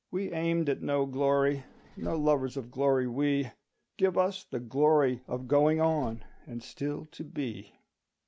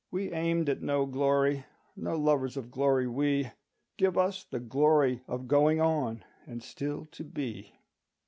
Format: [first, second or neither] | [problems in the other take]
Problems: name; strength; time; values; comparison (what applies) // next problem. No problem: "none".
second | background sound (Vehicle); 20 dB below the speech